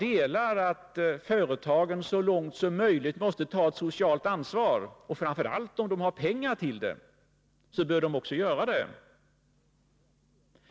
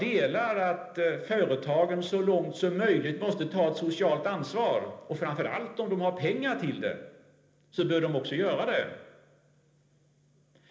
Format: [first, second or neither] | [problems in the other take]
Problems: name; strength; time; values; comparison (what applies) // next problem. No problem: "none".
first | room echo; dies away in 0.8 s